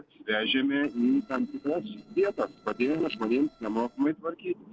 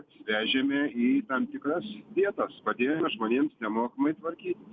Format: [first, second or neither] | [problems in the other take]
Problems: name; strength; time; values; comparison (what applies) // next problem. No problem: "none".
second | noise reduction (neural separator model SepFormer DNS4)